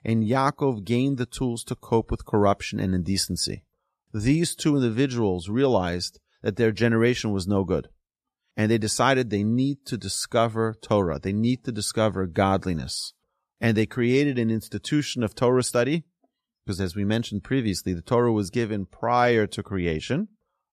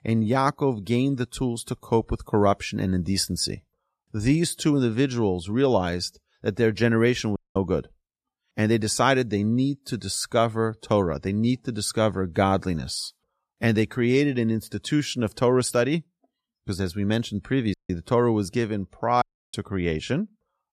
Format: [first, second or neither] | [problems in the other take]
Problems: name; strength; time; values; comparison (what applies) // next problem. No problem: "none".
first | audio cutting out; at 7.5 s, at 18 s and at 19 s